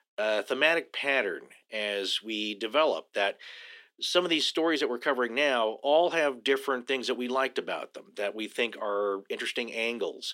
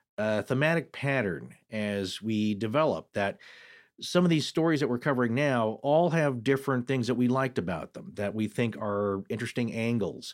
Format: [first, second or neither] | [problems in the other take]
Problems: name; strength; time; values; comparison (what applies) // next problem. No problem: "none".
second | thin; somewhat; fading below 350 Hz